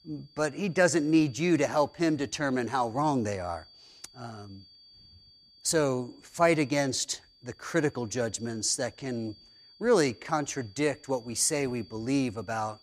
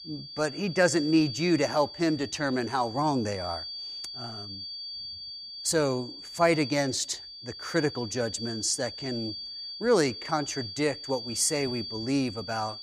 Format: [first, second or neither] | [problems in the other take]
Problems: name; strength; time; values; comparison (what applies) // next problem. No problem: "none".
first | high-pitched whine; loud; throughout; 4.5 kHz, 9 dB below the speech; faint in the first